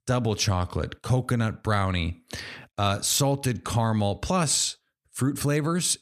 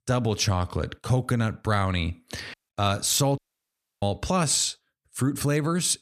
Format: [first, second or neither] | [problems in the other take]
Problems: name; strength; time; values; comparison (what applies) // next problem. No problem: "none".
first | audio cutting out; at 2.5 s and at 3.5 s for 0.5 s